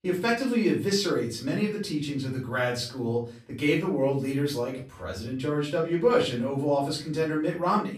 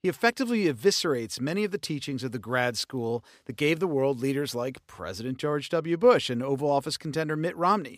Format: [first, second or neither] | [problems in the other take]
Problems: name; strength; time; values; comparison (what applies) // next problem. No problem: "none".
second | off-mic speech; far // room echo; slight; dies away in 0.4 s